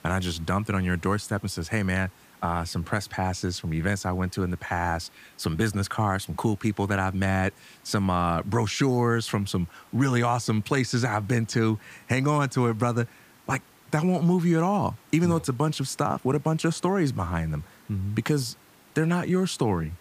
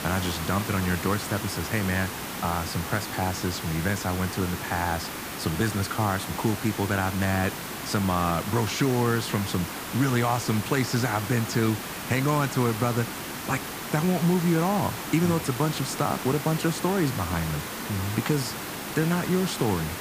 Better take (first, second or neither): first